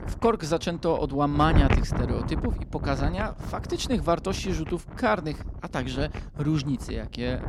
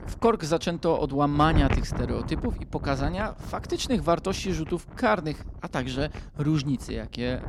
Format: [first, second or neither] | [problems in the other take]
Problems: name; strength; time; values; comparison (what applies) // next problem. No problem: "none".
second | wind noise on the microphone; heavy; 10 dB below the speech; occasional gusts in the second